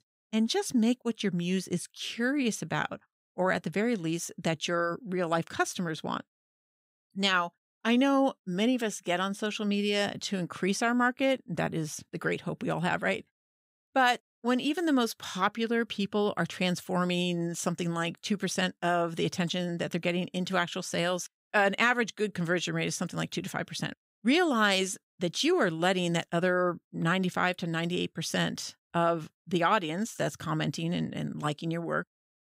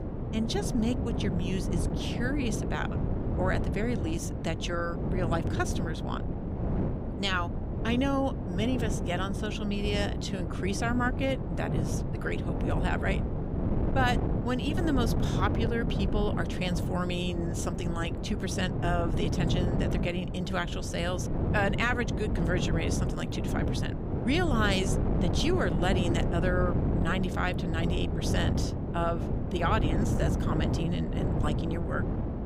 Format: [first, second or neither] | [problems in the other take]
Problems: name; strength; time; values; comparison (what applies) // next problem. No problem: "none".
first | wind noise on the microphone; heavy; 5 dB below the speech